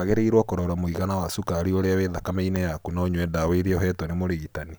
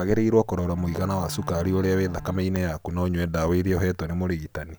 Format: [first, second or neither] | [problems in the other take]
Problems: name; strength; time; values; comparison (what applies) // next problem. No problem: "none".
first | background sound (Bowed string instrument); 14 dB below the speech